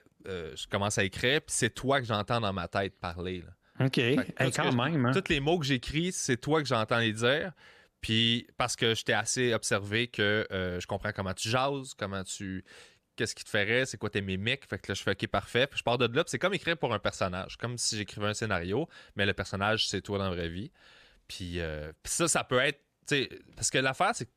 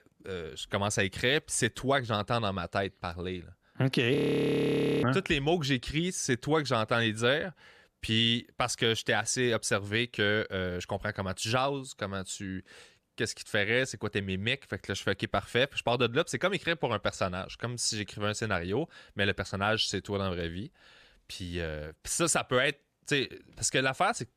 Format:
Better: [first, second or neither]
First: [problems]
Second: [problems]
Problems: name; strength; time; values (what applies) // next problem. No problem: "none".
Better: first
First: none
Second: audio freezing; at 4 s for 1 s